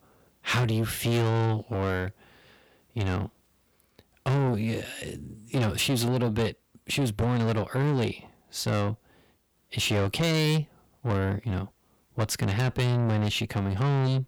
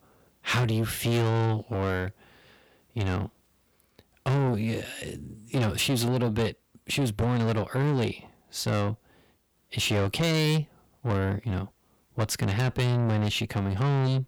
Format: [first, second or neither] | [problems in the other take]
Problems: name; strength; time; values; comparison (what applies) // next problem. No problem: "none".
neither | distortion; heavy; 7 dB below the speech; the same in both